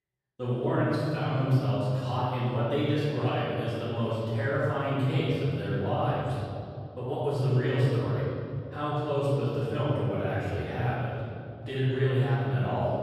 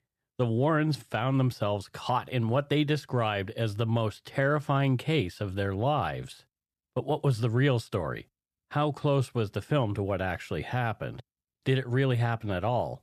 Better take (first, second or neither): second